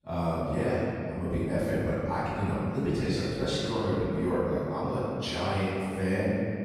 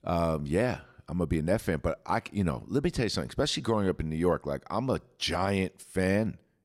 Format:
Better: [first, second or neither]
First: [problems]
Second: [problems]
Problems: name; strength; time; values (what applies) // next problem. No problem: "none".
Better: second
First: off-mic speech; far // room echo; strong; dies away in 2.2 s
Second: none